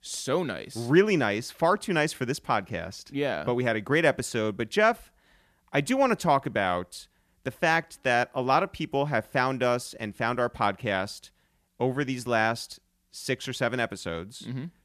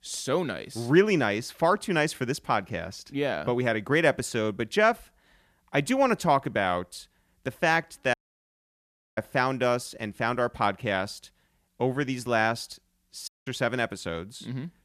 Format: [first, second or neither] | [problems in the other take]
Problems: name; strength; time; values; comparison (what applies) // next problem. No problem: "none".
first | audio cutting out; at 8 s for 1 s and at 13 s